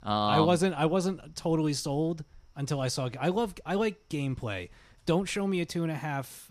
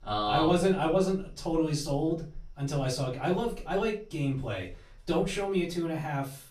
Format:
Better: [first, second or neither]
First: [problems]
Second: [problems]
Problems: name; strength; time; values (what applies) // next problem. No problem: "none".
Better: first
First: none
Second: off-mic speech; far // room echo; slight; dies away in 0.3 s